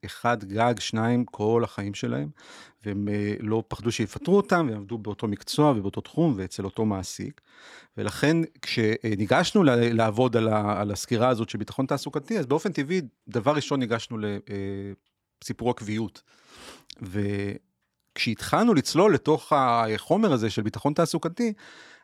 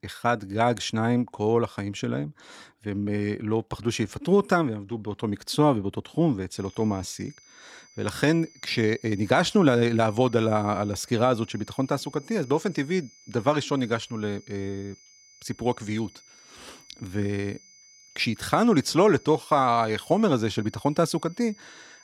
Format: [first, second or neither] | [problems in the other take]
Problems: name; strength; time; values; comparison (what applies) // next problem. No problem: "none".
first | high-pitched whine; faint; from 6.5 s on; 6 kHz, 25 dB below the speech